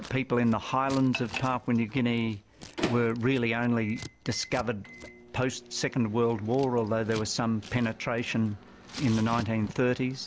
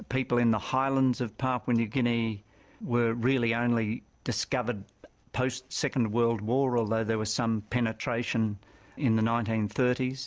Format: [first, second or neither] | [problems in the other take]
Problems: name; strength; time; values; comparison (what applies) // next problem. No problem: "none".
second | background sound (Microwave oven + Scissors); 14 dB below the speech